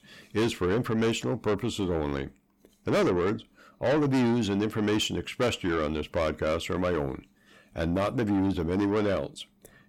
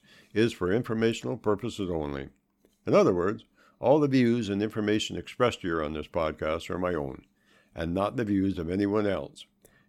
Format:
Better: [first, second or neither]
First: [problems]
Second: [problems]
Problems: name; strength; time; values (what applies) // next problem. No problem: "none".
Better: second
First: distortion; heavy; 7 dB below the speech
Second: none